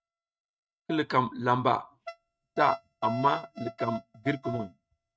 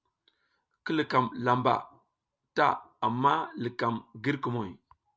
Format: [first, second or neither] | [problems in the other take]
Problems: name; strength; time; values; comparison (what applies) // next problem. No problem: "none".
second | noise reduction (neural mask model RNNoise)